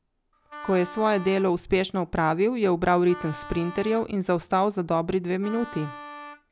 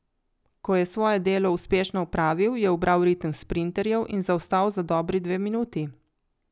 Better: second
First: background sound (Wind instrument, woodwind instrument); 16 dB below the speech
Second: none

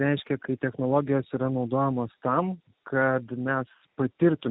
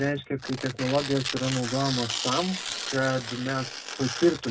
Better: first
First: none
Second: background sound (Tearing); 7 dB below the speech // room echo; dies away in 0.2 s

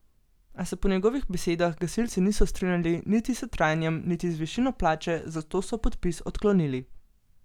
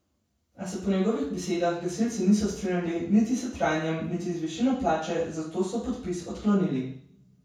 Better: first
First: none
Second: room echo; dies away in 0.6 s

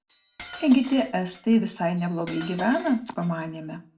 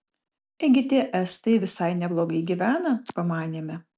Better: second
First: background sound (Cutlery, silverware); 20 dB below the speech // room echo; dies away in 0.3 s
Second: none

